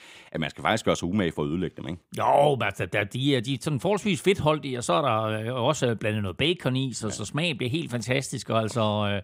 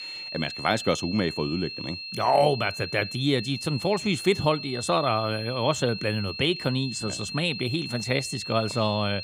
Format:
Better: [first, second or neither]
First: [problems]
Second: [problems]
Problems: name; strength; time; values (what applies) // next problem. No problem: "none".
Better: first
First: none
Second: high-pitched whine; loud; throughout; 4 kHz, 8 dB below the speech